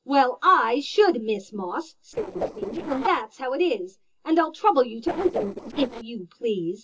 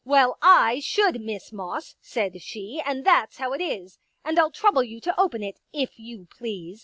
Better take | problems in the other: second | noise reduction (neural separator model SepFormer DNS4)

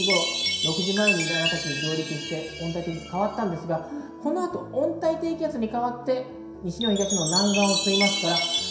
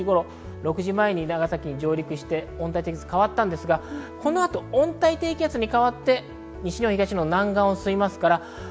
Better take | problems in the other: second | background sound (Chime); 2 dB below the speech // room echo; dies away in 0.7 s

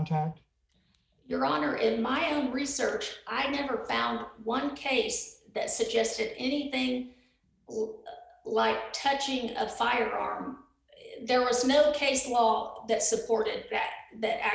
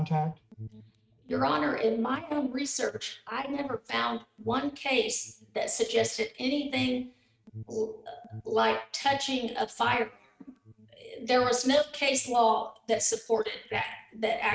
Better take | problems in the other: first | noise reduction (neural mask model RNNoise)

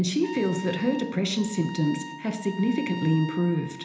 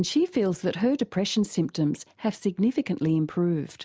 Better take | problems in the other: second | background sound (Trumpet); 15 dB below the speech // room echo; dies away in 1 s

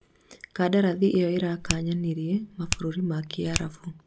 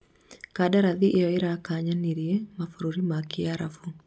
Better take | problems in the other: second | background sound (Finger snapping); 8 dB below the speech

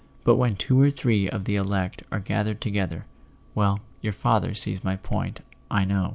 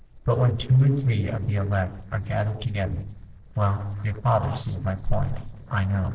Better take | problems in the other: first | noise reduction (neural separator model SepFormer DNS4)

